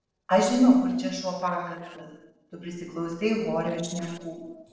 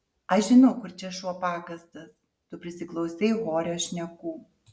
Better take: second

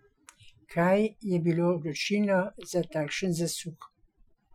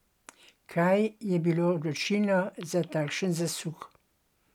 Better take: second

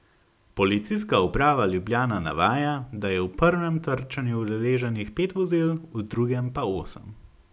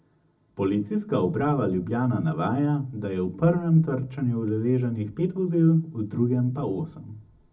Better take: first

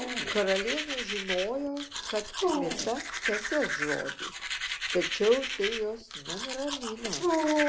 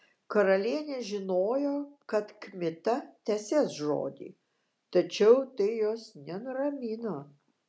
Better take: second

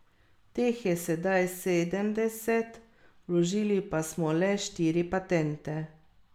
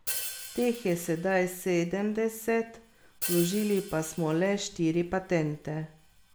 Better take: first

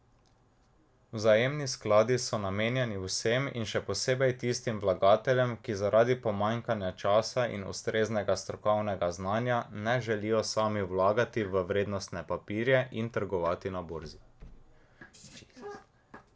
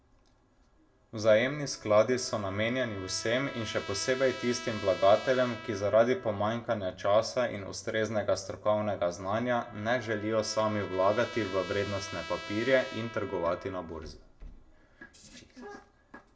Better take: first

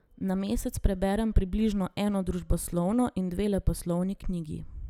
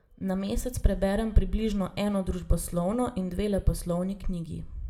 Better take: first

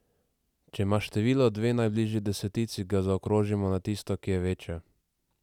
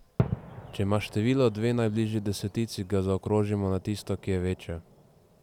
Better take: first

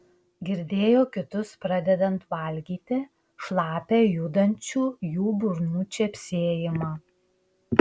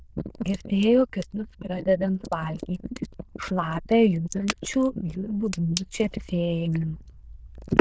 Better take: first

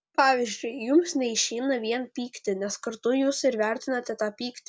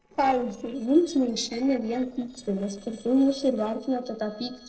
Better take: first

